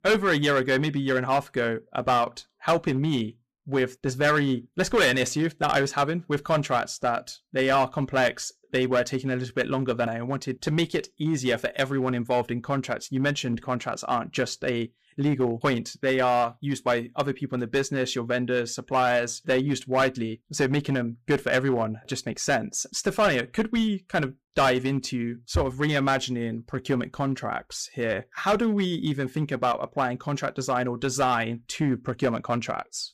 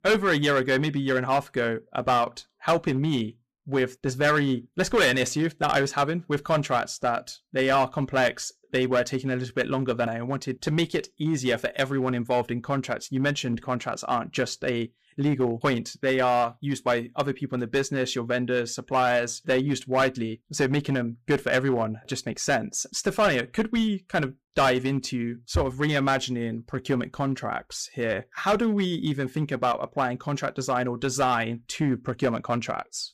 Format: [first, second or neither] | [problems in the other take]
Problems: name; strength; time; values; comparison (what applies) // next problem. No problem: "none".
neither | distortion; slight; 5% of the sound clipped; the same in both